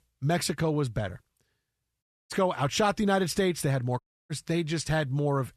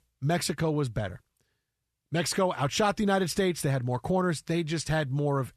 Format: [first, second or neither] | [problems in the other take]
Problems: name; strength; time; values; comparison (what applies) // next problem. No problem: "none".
second | audio cutting out; at 2 s and at 4 s